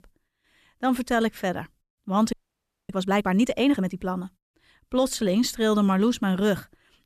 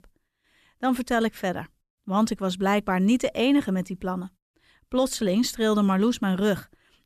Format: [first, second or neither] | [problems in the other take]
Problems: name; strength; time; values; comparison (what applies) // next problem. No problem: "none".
second | audio freezing; at 2.5 s for 0.5 s